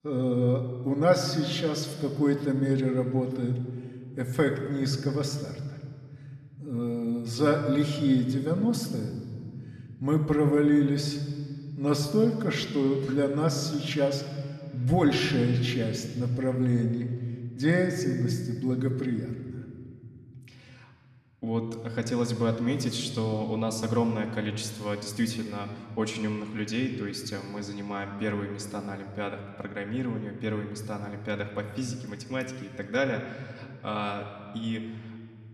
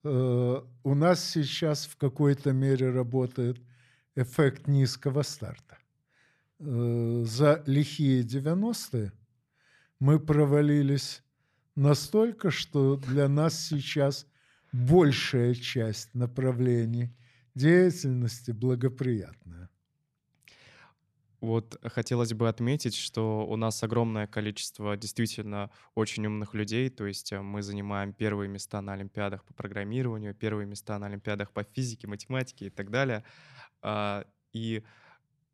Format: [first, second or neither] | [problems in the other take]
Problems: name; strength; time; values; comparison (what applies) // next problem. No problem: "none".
second | room echo; slight; dies away in 1.7 s // off-mic speech; somewhat distant